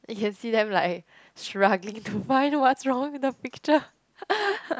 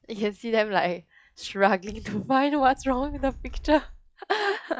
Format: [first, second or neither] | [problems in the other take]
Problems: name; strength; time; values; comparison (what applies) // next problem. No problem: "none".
first | noise reduction (classical method log-MMSE)